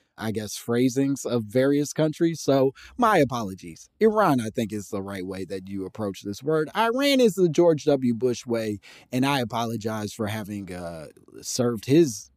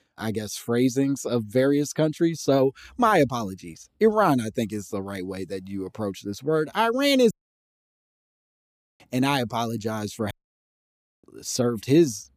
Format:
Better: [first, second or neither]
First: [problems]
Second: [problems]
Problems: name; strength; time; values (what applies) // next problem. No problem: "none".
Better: first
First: none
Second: audio cutting out; at 7.5 s for 1.5 s and at 10 s for 1 s